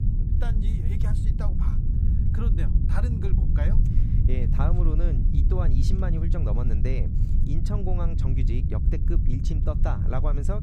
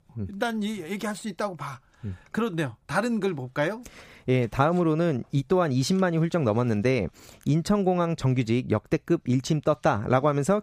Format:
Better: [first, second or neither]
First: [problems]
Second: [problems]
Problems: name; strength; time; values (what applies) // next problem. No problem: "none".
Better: second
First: low rumble; loud; throughout; 2 dB below the speech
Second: none